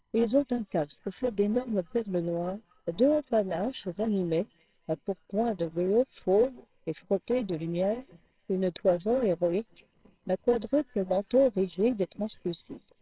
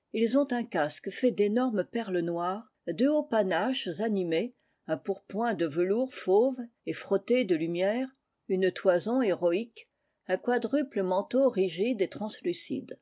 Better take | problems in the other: second | noise reduction (neural separator model SepFormer WHAMR!)

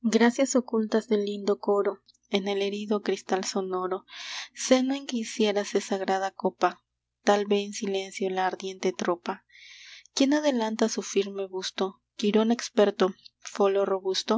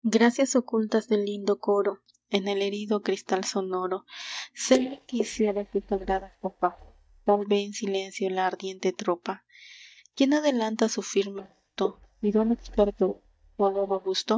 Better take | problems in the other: first | noise reduction (neural mask model DeepFilterNet 3)

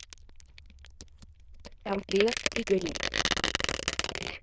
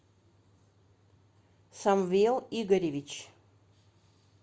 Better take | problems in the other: second | noise reduction (neural diffusion model UNIVERSE++)

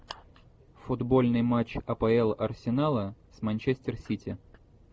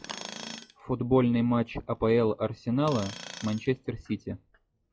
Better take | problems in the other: first | noise reduction (classical method log-MMSE)

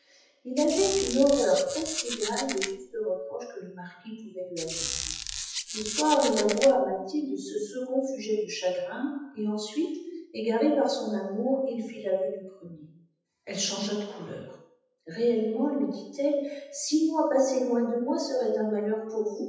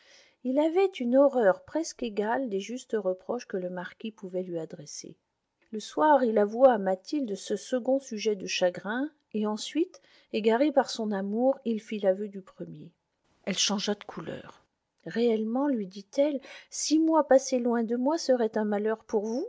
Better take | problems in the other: second | noise reduction (classical method WPE with log-MMSE)

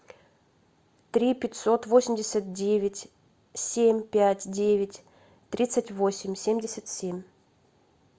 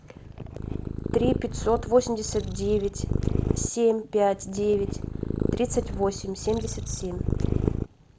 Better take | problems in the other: first | background sound (Purr); 2 dB below the speech

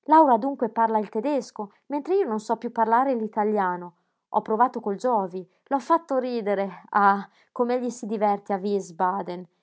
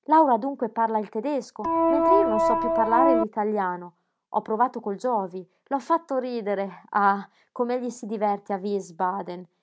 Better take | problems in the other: first | background sound (Organ); 5 dB above the speech

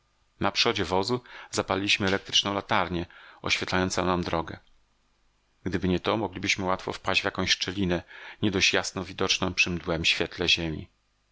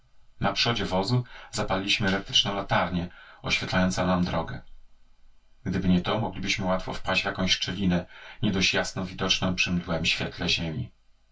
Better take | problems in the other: first | room echo; dies away in 0.1 s

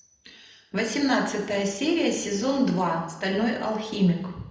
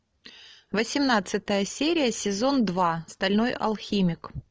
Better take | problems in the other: second | room echo; dies away in 0.8 s

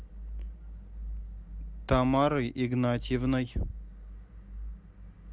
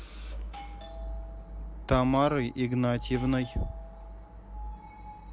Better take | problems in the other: first | background sound (Screech + Doorbell); 19 dB below the speech

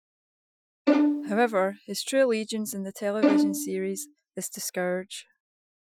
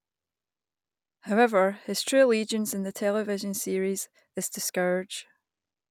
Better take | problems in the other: second | noise reduction (classical method Wiener filter)

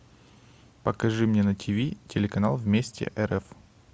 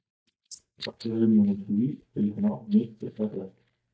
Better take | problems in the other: first | noise reduction (neural mask model DeepFilterNet 3)

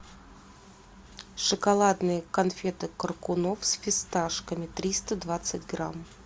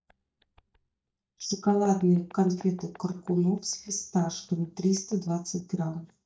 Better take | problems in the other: first | noise reduction (neural mask model DeepFilterNet 3)

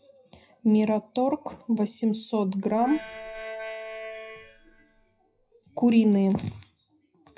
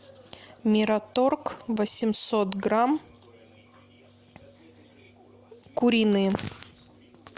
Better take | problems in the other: second | noise reduction (classical method WPE with log-MMSE)

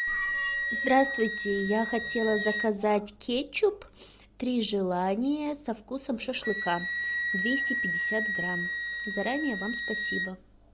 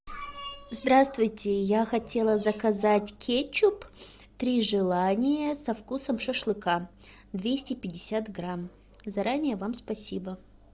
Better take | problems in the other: second | background sound (Wind instrument, woodwind instrument); 3 dB below the speech

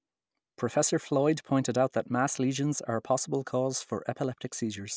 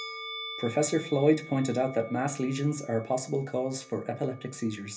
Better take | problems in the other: first | background sound (Musical instrument); 15 dB below the speech // room echo; dies away in 0.3 s

